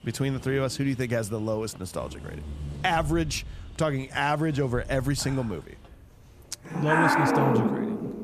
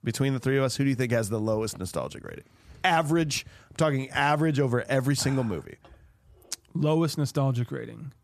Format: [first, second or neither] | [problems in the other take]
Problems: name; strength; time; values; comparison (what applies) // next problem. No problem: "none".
second | animal sounds; very loud; throughout; as loud as the speech